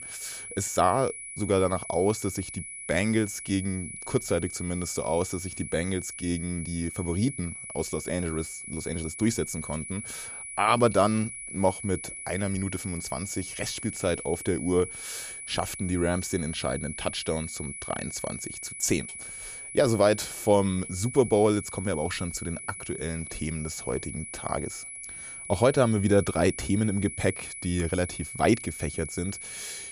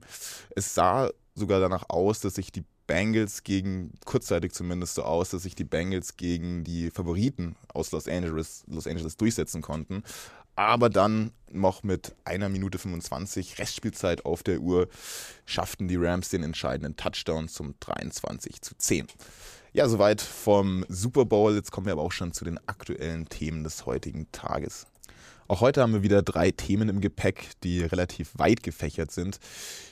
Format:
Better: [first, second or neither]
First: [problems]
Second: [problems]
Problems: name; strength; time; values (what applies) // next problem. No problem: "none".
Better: second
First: high-pitched whine; loud; throughout; 10 kHz, 9 dB below the speech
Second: none